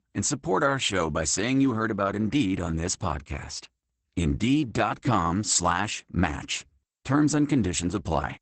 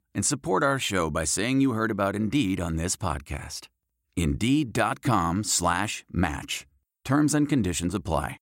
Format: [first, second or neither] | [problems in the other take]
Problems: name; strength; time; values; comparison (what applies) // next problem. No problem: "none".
second | garbled, watery; badly; nothing above 8 kHz